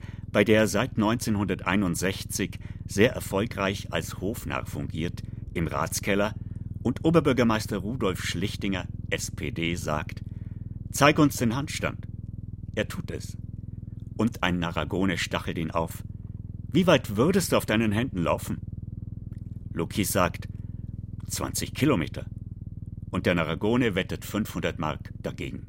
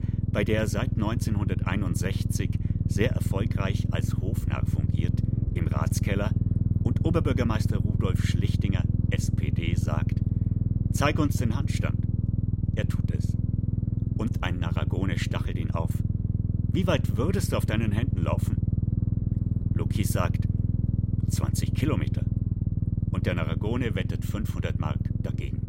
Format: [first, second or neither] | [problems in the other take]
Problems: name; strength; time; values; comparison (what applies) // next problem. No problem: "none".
first | low rumble; loud; throughout; 5 dB below the speech; faint in the first